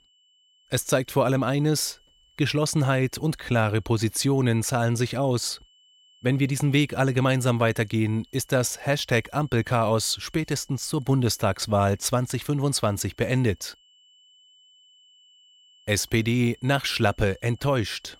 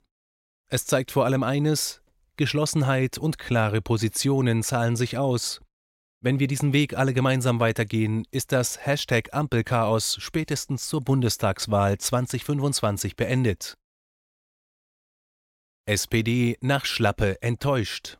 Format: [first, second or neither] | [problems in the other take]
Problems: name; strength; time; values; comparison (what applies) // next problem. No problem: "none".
second | high-pitched whine; faint; throughout; 3 kHz, 30 dB below the speech